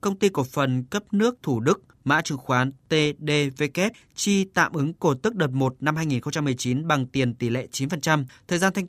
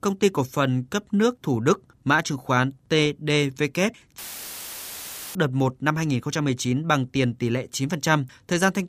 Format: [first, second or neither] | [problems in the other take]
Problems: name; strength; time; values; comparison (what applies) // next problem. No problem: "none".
first | audio cutting out; filled with static; at 4 s for 1 s